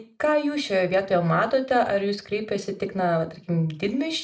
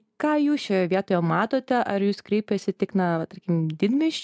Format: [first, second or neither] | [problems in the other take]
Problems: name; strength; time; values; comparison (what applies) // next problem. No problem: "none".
second | room echo; dies away in 0.3 s